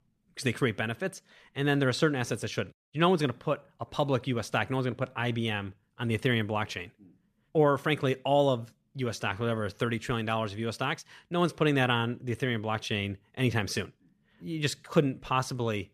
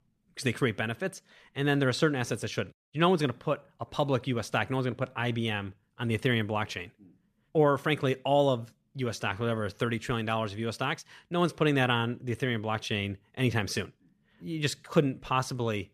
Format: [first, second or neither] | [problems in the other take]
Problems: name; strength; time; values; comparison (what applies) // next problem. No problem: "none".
neither | none